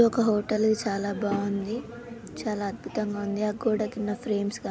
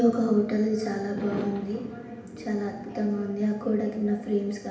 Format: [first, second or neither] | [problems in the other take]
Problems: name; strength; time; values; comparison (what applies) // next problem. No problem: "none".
first | background sound (Fireworks); 17 dB below the speech // room echo; dies away in 0.8 s